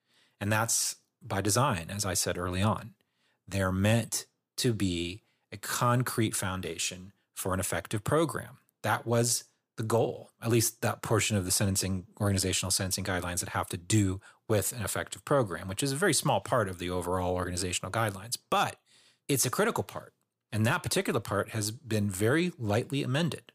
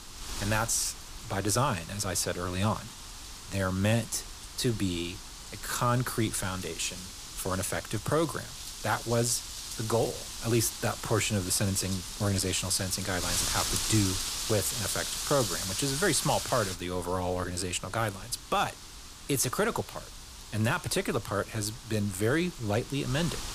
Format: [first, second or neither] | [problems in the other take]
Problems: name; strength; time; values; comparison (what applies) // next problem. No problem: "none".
first | wind noise on the microphone; heavy; 6 dB below the speech